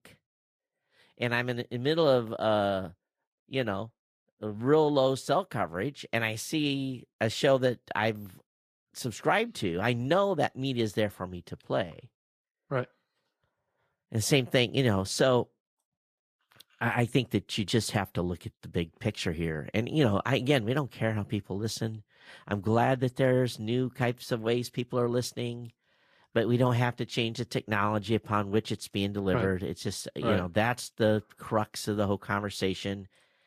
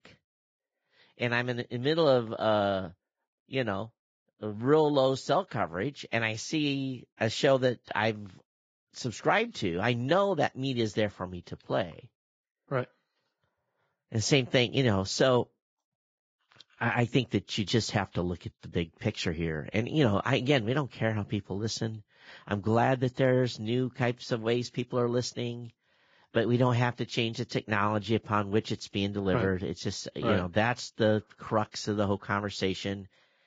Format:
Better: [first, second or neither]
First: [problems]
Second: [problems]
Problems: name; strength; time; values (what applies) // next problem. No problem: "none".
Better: first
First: garbled, watery; slightly; nothing above 14.5 kHz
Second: garbled, watery; badly; nothing above 7.5 kHz